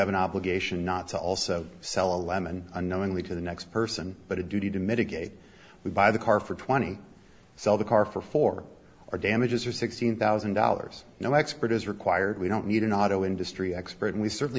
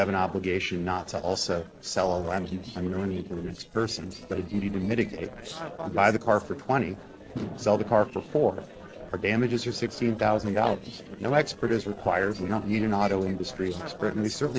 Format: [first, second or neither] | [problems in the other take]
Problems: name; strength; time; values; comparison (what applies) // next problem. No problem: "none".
first | noise reduction (neural separator model SepFormer DNS4)